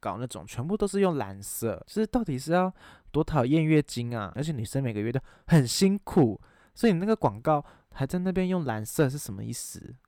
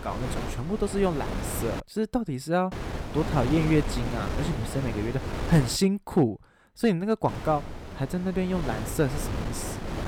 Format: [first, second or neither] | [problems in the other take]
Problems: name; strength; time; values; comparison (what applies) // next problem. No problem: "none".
first | wind noise on the microphone; heavy; until 2 s, from 2.5 to 6 s and from 7.5 s on; 6 dB below the speech